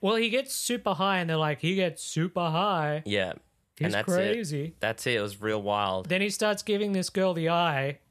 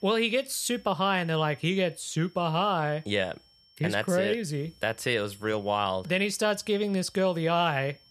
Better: first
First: none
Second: high-pitched whine; faint; throughout; 5.5 kHz, 30 dB below the speech

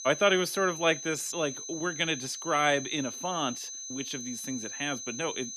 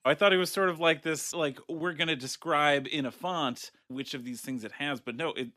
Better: second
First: high-pitched whine; loud; throughout; 6 kHz, 8 dB below the speech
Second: none

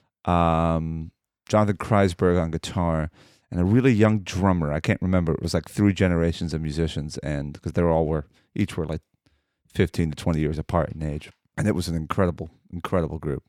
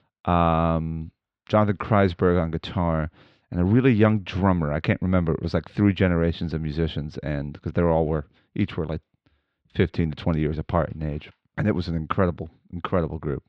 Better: first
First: none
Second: muffled; slightly; fading above 3.5 kHz

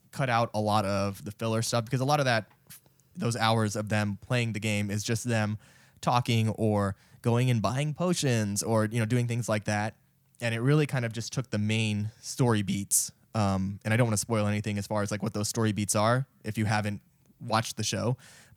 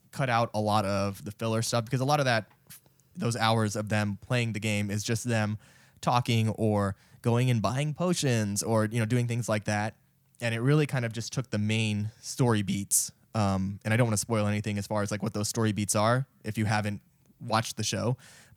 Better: neither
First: none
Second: none

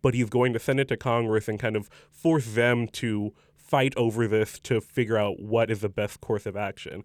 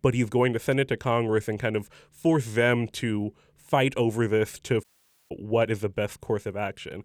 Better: first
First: none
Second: audio cutting out; at 5 s

